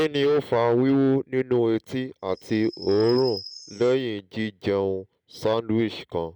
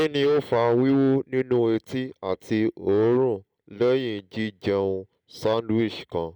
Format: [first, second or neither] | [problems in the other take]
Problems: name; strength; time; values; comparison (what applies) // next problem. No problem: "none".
second | background sound (Chirp, tweet); 16 dB below the speech